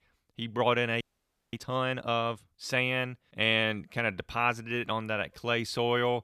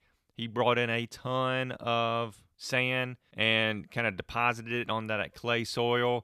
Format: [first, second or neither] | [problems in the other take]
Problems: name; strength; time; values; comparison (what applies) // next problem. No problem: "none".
second | audio freezing; at 1 s for 0.5 s